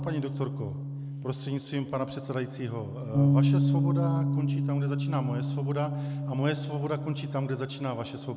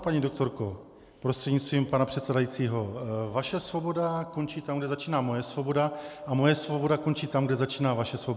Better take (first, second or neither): second